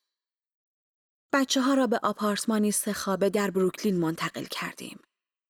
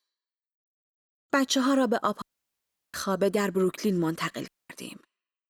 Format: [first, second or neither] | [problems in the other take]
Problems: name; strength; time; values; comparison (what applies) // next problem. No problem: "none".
first | audio cutting out; at 2 s for 0.5 s and at 4.5 s